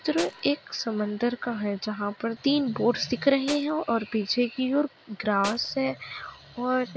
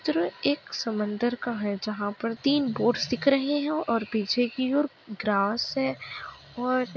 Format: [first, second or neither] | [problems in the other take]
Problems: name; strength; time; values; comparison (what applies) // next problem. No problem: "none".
second | background sound (Tools); 10 dB below the speech